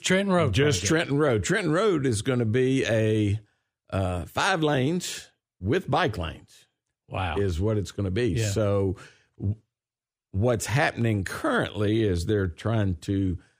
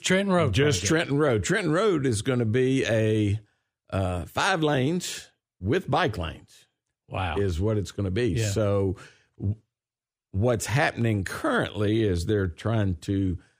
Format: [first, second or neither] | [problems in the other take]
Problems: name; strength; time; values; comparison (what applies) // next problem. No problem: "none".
neither | none